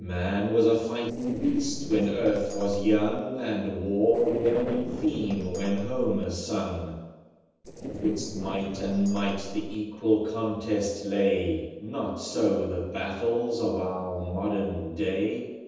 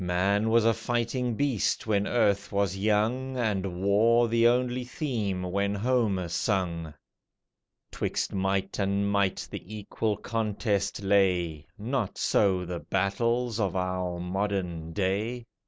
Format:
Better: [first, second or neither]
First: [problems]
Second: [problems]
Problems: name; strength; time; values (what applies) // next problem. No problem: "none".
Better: second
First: noise reduction (neural separator model SepFormer DNS4)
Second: none